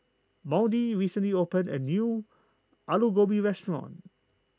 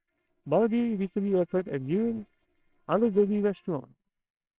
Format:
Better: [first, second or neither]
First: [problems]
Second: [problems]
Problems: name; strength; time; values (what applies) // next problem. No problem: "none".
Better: first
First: none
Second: noise reduction (neural separator model SepFormer WHAMR!)